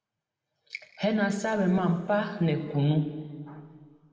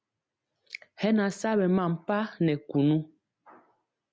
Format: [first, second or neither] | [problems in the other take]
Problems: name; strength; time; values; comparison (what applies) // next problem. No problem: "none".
second | room echo; dies away in 2 s